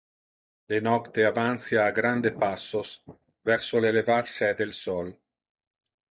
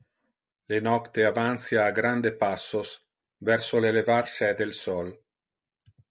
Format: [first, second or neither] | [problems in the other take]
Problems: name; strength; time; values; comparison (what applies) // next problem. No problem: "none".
second | noise reduction (neural mask model DeepFilterNet 3)